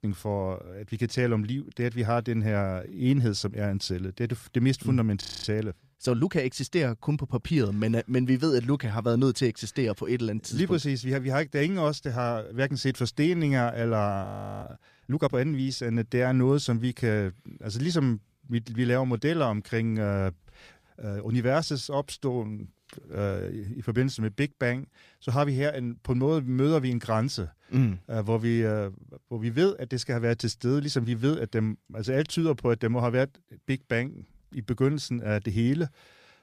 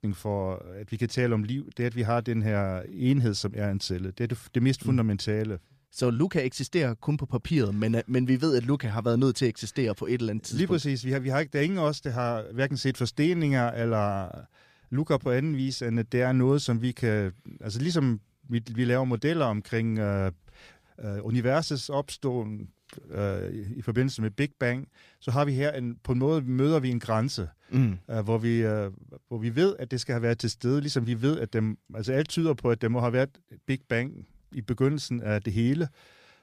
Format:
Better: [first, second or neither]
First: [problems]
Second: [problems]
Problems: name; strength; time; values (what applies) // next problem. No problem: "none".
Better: second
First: audio freezing; at 5 s and at 14 s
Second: none